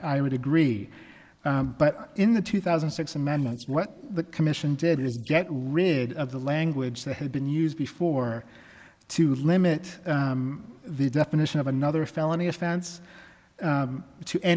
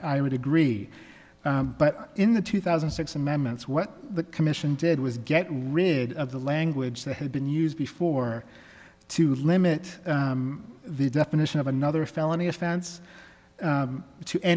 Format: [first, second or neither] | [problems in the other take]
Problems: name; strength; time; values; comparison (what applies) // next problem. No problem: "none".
second | noise reduction (neural mask model Resemble Enhance denoiser)